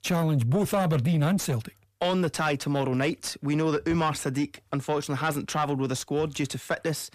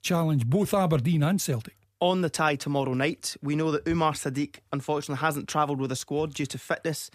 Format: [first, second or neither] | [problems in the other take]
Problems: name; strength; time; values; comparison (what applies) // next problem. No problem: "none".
second | distortion; slight; 10 dB below the speech